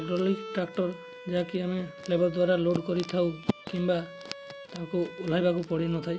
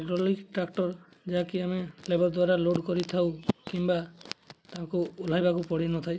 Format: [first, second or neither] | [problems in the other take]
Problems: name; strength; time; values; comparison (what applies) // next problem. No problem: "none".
second | background sound (Bowed string instrument); 16 dB below the speech